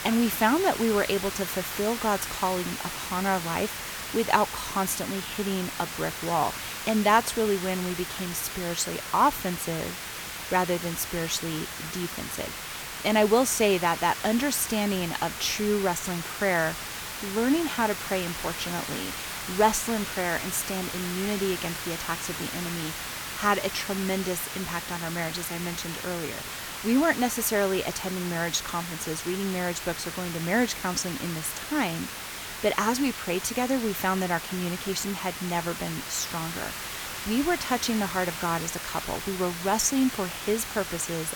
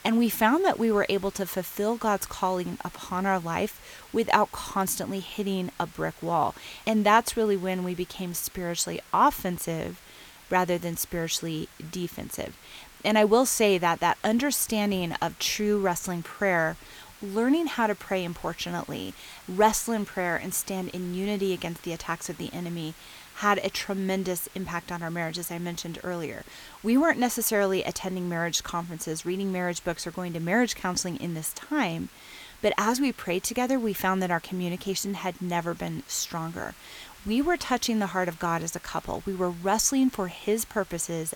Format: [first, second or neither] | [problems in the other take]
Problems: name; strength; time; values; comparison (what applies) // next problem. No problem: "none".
second | hiss; loud; throughout; 6 dB below the speech; faint in the second